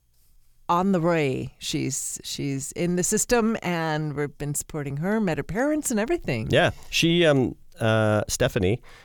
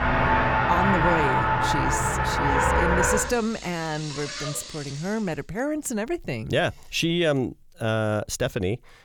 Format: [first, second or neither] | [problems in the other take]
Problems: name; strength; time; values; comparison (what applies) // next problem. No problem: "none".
first | traffic noise; very loud; until 5 s; 4 dB above the speech